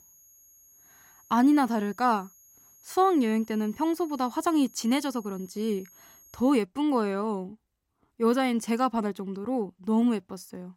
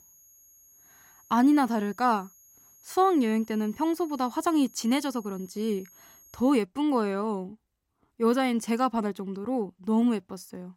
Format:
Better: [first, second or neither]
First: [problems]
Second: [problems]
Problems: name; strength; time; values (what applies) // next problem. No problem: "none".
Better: neither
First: high-pitched whine; faint; until 6.5 s; 6.5 kHz, 25 dB below the speech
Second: high-pitched whine; faint; until 6.5 s; 6.5 kHz, 25 dB below the speech